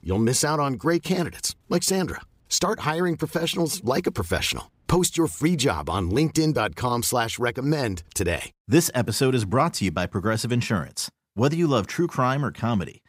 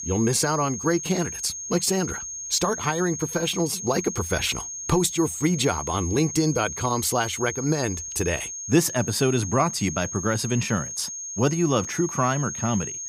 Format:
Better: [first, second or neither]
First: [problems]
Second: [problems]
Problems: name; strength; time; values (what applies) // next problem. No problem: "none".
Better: first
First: none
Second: high-pitched whine; loud; throughout; 6.5 kHz, 7 dB below the speech